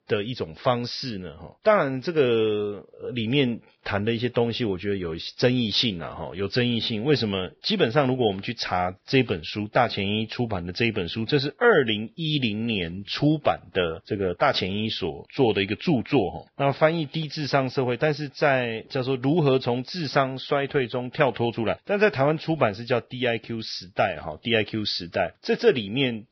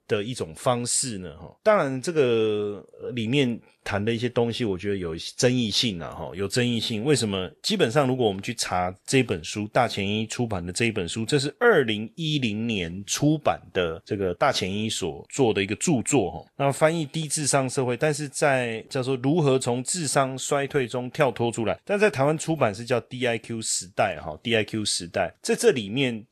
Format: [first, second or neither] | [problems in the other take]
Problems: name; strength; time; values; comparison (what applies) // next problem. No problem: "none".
second | garbled, watery; badly; nothing above 5.5 kHz; slightly in the second